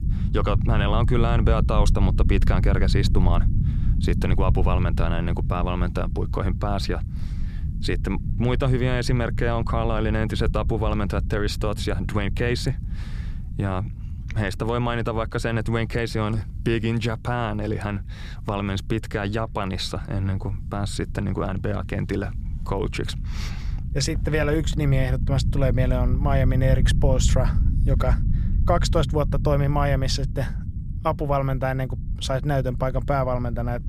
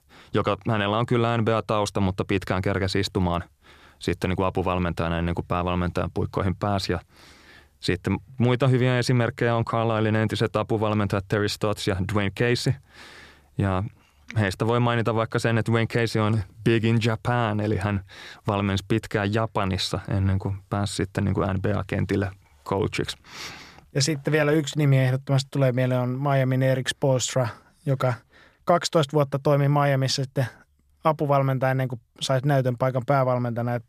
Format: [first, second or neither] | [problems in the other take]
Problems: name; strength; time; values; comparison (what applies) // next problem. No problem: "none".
second | low rumble; noticeable; throughout; 15 dB below the speech